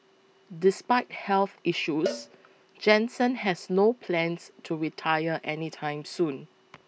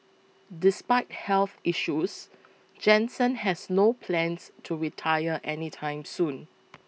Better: second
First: background sound (Cowbell); 14 dB below the speech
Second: none

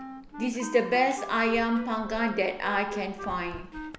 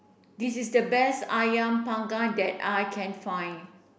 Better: second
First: background sound (Alarm + Wind instrument, woodwind instrument); 12 dB below the speech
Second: none

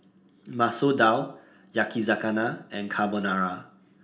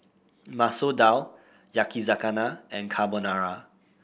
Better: second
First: room echo; dies away in 0.4 s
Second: none

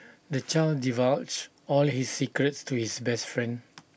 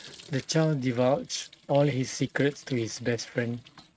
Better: first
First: none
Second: noise reduction (neural mask model RNNoise)

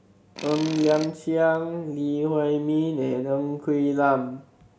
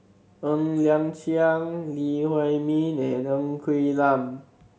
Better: second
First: background sound (Tools); 16 dB below the speech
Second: none

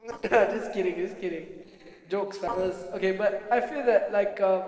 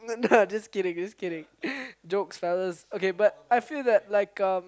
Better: second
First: noise reduction (neural separator model SepFormer DNS4)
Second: none

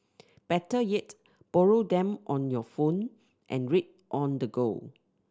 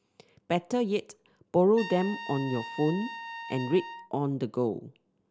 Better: first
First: none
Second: background sound (Trumpet); 14 dB below the speech

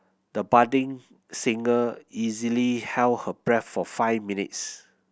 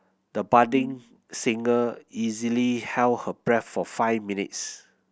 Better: first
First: none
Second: background sound (Brass instrument); 13 dB below the speech

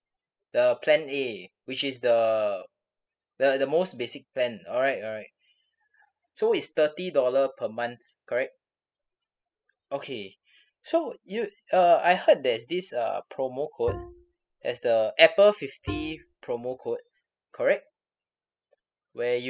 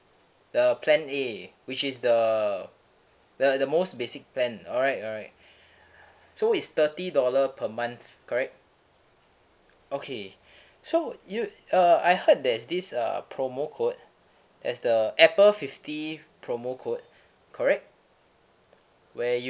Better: second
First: noise reduction (classical method spectral subtraction)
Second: none

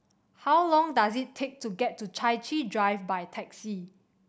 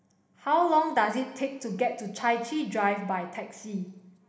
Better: first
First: none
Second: room echo; dies away in 1 s

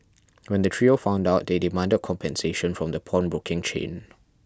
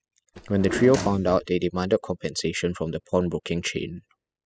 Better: first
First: none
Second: noise reduction (classical method spectral subtraction)

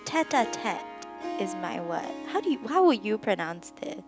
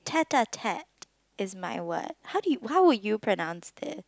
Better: second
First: background sound (Harp); 11 dB below the speech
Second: none

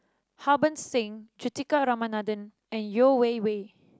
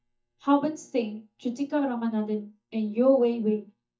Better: first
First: none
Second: noise reduction (neural mask model DeepFilterNet 3)

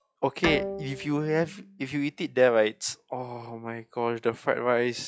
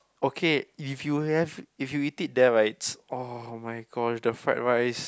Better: second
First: noise reduction (classical method log-MMSE)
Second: none

